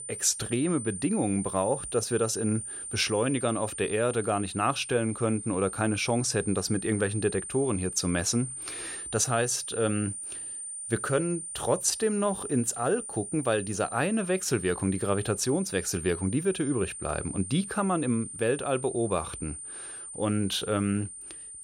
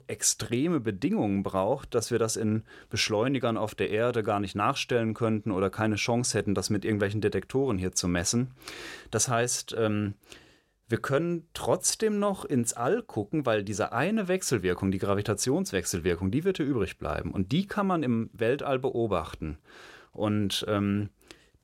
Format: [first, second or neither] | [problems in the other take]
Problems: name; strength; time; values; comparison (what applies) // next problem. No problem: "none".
second | high-pitched whine; loud; throughout; 9 kHz, 8 dB below the speech